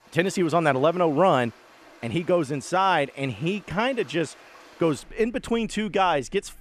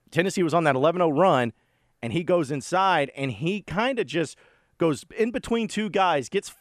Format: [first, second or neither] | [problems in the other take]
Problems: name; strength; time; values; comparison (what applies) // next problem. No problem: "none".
second | rain or running water; faint; throughout; 25 dB below the speech